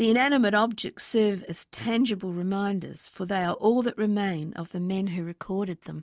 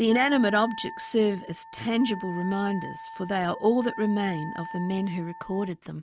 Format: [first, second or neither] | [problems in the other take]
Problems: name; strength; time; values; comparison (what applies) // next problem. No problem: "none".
first | background sound (Wind instrument, woodwind instrument); 13 dB below the speech